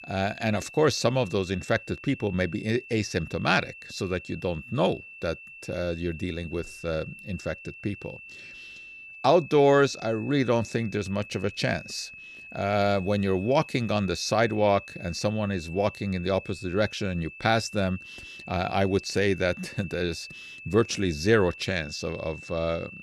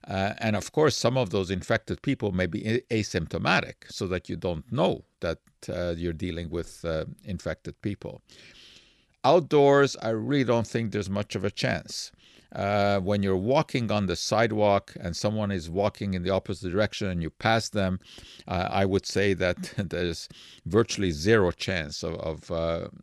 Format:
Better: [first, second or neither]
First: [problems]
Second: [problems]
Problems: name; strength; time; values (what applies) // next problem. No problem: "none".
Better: second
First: high-pitched whine; noticeable; throughout; 2.5 kHz, 15 dB below the speech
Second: none